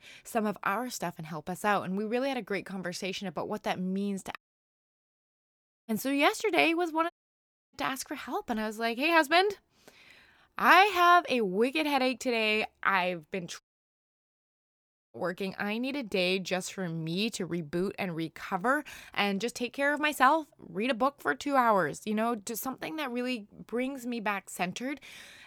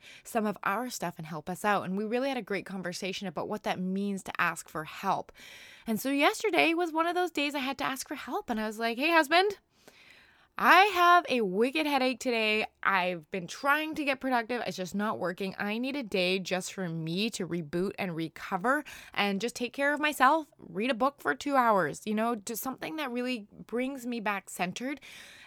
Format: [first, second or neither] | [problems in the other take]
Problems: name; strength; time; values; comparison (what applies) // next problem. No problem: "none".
second | audio cutting out; at 4.5 s for 1.5 s, at 7 s for 0.5 s and at 14 s for 1.5 s